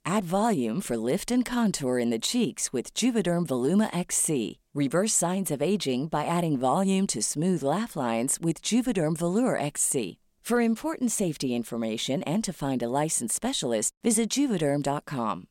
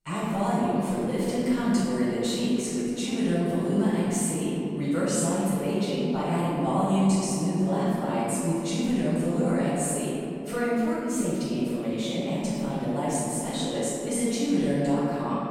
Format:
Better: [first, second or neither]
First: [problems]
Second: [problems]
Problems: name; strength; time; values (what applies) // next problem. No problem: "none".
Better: first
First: none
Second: off-mic speech; far // room echo; strong; dies away in 2.9 s